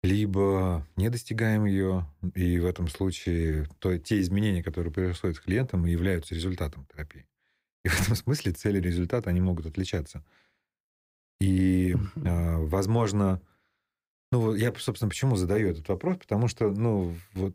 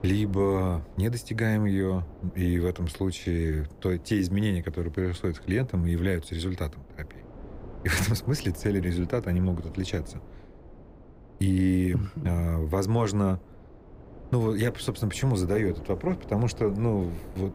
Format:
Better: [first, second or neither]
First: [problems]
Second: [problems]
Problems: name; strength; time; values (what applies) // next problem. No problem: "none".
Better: first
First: none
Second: wind noise on the microphone; occasional gusts; 20 dB below the speech